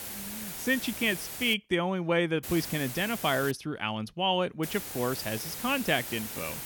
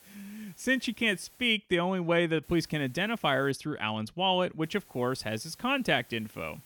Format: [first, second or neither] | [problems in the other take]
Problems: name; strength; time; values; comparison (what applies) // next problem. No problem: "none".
second | hiss; loud; until 1.5 s, from 2.5 to 3.5 s and from 4.5 s on; 8 dB below the speech; faint in the second